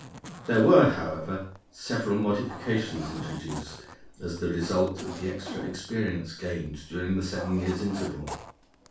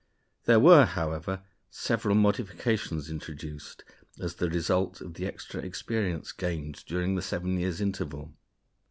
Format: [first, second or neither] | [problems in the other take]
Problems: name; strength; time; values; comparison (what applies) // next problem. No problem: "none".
second | background sound (Zipper (clothing)); 15 dB below the speech // room echo; dies away in 0.3 s